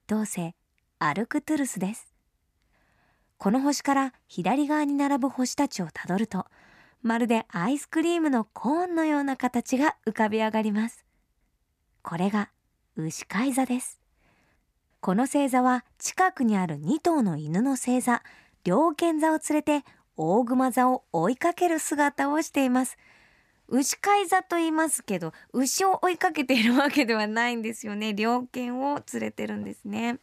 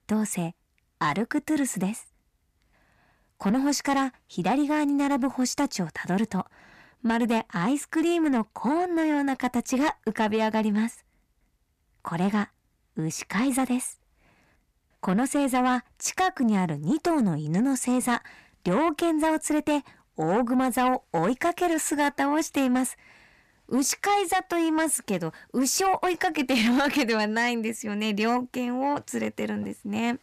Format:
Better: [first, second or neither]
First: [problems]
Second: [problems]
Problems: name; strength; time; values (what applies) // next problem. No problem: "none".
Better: first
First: none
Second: distortion; slight; 10 dB below the speech